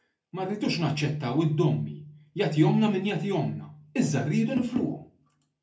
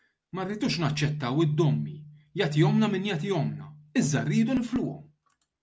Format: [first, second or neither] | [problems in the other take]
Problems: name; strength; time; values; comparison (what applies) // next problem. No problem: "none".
second | room echo; dies away in 0.3 s